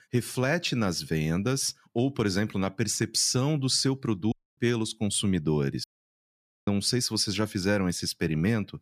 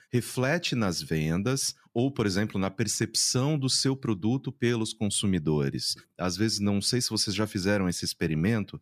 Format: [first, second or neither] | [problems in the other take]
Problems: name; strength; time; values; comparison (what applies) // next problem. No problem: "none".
second | audio cutting out; at 4.5 s and at 6 s for 1 s